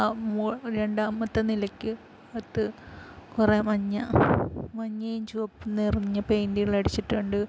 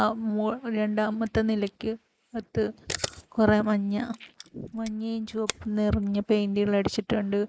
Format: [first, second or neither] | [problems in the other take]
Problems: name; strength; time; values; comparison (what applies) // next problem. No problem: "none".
first | noise reduction (neural mask model Resemble Enhance denoiser)